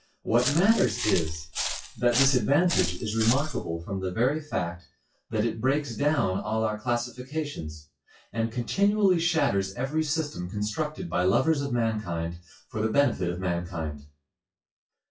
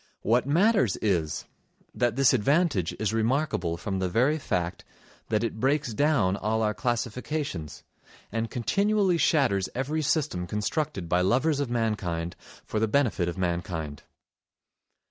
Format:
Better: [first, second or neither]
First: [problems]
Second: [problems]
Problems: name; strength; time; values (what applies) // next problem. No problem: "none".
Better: second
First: noise reduction (classical method WPE with log-MMSE)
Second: none